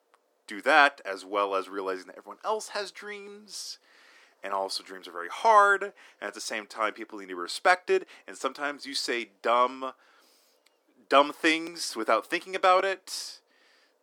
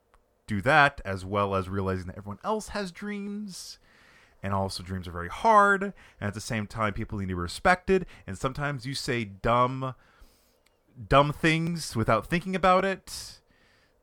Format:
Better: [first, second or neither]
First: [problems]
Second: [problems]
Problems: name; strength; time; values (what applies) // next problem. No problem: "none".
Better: second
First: thin; somewhat; fading below 300 Hz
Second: none